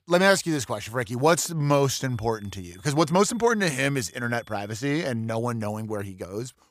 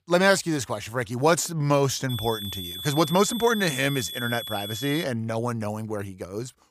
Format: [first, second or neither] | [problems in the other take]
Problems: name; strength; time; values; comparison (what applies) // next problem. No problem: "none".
first | high-pitched whine; loud; from 2 to 5 s; 3.5 kHz, 8 dB below the speech; faint in the first